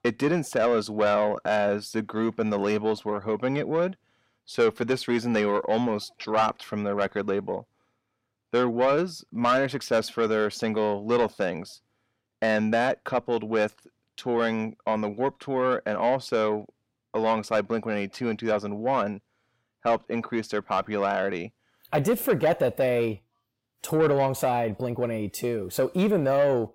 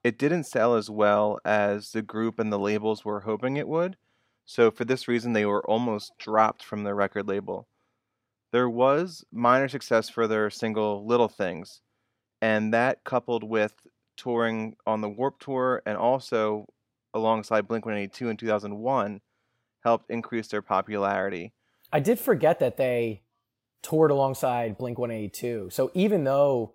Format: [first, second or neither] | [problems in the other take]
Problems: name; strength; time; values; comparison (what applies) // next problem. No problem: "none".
second | distortion; slight; 10 dB below the speech